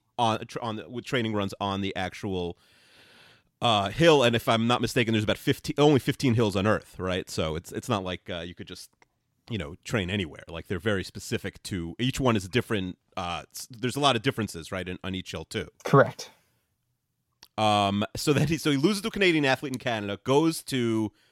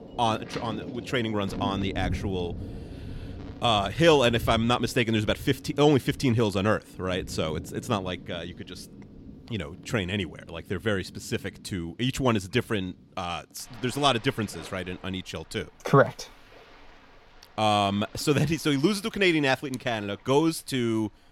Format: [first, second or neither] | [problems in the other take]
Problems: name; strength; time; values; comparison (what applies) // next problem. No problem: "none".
first | rain or running water; noticeable; throughout; 15 dB below the speech